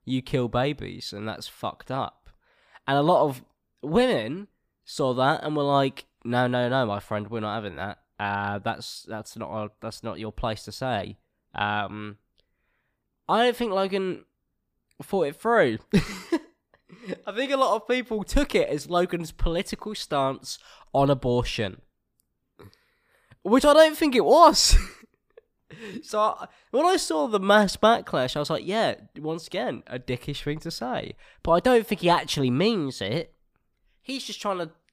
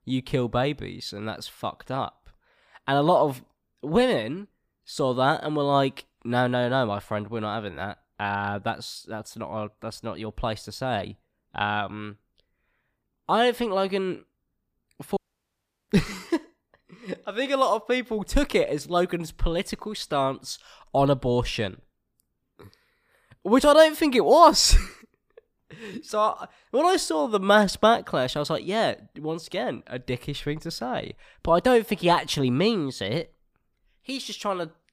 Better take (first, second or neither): first